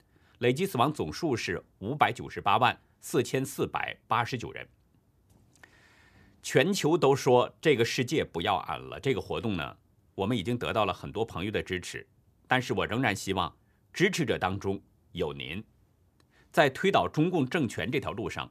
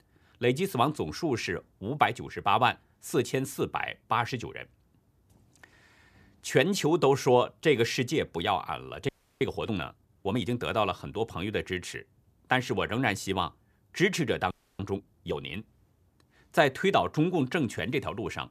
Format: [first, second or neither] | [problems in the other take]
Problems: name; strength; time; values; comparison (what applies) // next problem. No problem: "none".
first | audio freezing; at 9 s and at 15 s